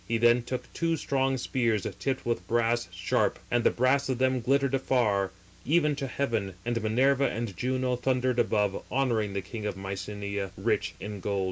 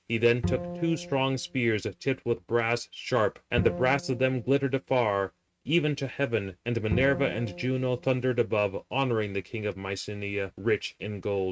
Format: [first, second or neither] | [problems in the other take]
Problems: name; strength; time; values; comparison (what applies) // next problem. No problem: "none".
first | noise reduction (neural mask model RNNoise)